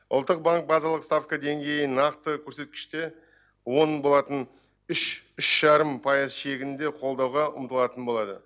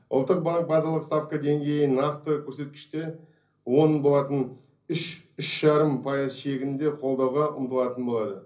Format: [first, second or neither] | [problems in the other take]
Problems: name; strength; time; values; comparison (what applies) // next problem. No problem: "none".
first | room echo; dies away in 0.5 s